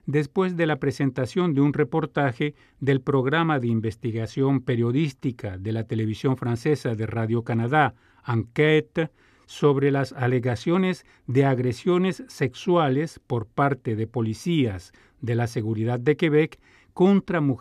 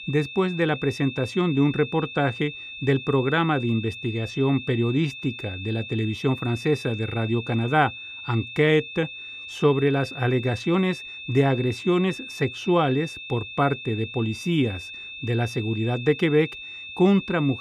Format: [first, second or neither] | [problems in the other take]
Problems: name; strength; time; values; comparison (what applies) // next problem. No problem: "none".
first | high-pitched whine; noticeable; throughout; 2.5 kHz, 10 dB below the speech